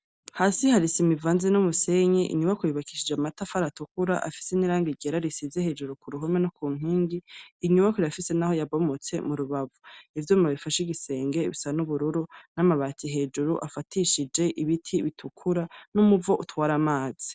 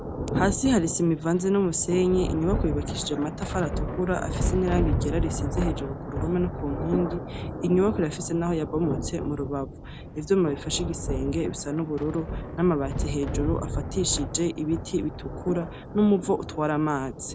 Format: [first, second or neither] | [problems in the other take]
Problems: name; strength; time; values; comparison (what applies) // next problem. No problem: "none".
first | background sound (Thunder); 4 dB below the speech